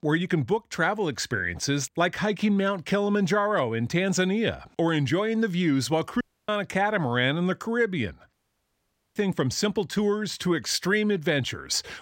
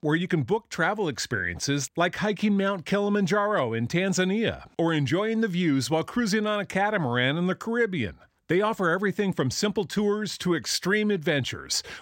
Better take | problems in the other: second | audio cutting out; at 6 s and at 8.5 s for 1 s

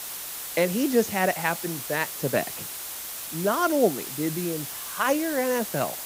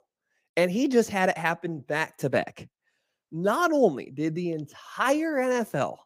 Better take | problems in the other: second | hiss; loud; throughout; 6 dB below the speech

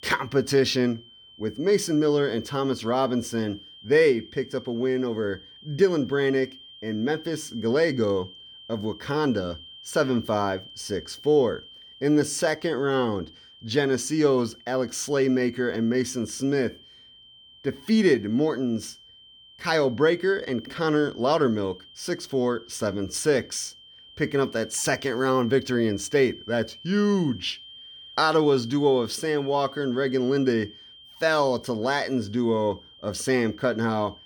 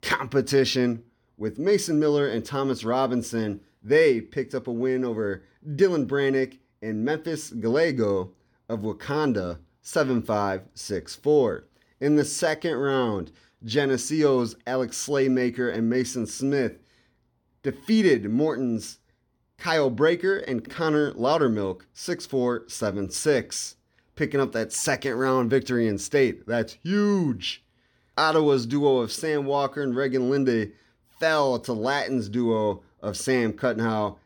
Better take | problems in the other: second | high-pitched whine; noticeable; throughout; 3 kHz, 20 dB below the speech

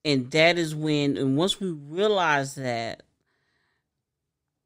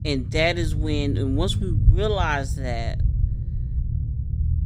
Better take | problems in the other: first | low rumble; noticeable; throughout; 15 dB below the speech

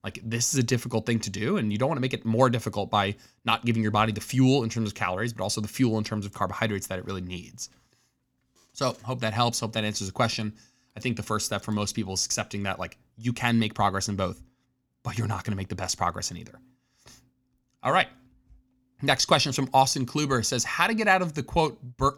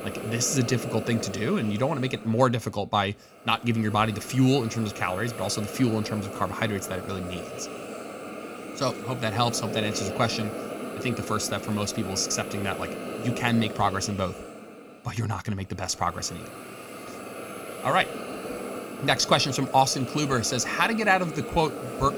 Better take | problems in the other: first | hiss; loud; throughout; 10 dB below the speech

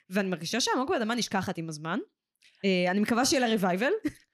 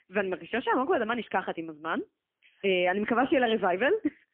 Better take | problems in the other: first | phone-call audio; poor line; nothing above 3 kHz

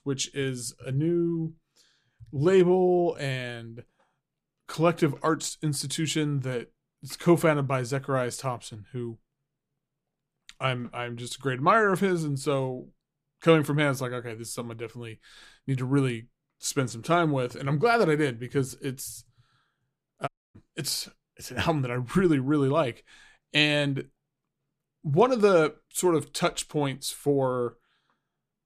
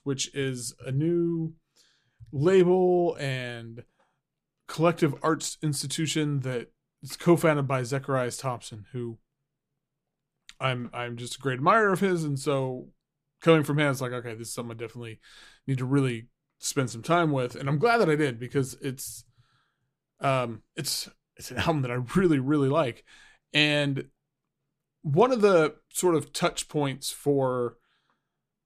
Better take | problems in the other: second | audio cutting out; at 20 s

